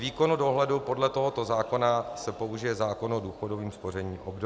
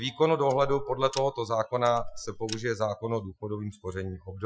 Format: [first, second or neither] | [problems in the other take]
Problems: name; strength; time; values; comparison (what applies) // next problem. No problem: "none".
first | noise reduction (classical method Wiener filter)